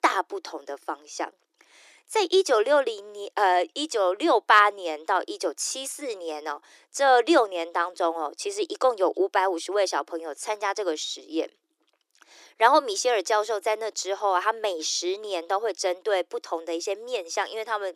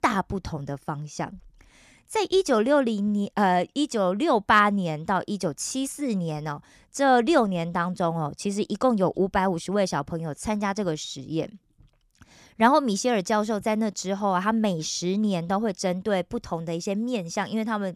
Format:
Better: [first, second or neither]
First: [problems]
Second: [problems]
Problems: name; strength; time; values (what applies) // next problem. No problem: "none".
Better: second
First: thin; very; fading below 300 Hz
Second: none